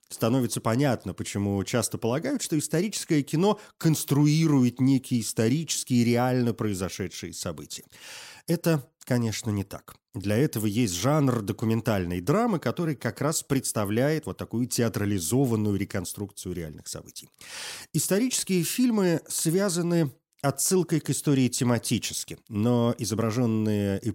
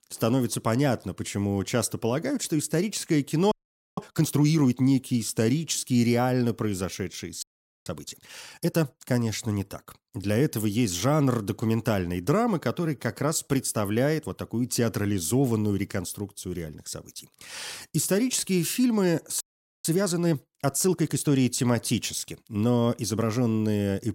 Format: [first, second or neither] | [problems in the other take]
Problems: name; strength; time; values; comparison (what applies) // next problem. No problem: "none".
first | audio freezing; at 3.5 s, at 7.5 s and at 19 s